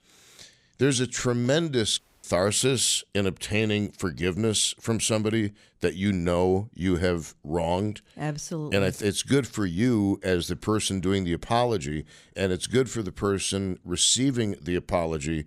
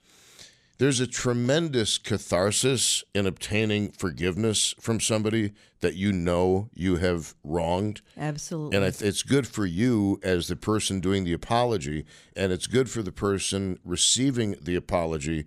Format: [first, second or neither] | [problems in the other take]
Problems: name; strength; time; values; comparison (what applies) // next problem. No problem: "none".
second | audio cutting out; at 2 s